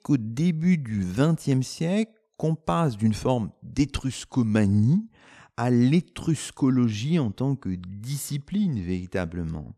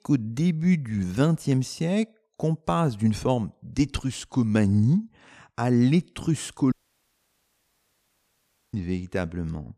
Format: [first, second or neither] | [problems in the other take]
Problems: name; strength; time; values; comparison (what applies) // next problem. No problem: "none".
first | audio cutting out; at 6.5 s for 2 s